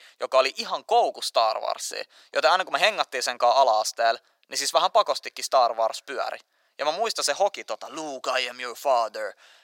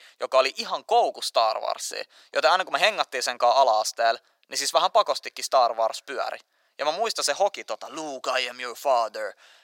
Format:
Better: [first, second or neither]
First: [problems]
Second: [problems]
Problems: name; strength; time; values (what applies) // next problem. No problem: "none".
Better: neither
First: thin; very; fading below 550 Hz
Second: thin; very; fading below 550 Hz